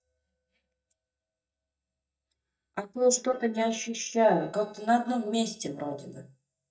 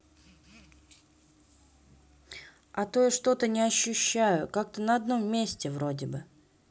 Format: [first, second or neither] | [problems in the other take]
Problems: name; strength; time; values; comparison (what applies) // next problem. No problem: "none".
second | noise reduction (neural mask model DeepFilterNet 3)